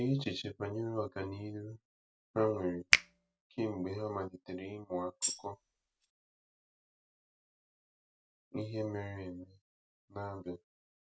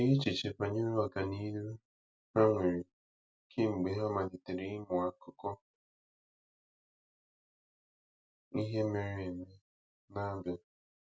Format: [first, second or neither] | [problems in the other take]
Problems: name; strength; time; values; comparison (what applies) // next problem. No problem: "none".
second | background sound (Finger snapping + Tambourine); 3 dB above the speech